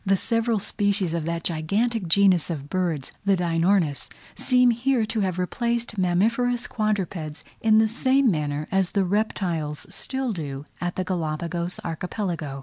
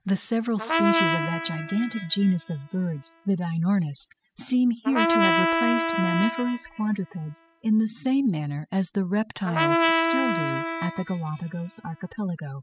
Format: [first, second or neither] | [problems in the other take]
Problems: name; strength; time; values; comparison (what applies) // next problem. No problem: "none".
first | noise reduction (classical method spectral subtraction)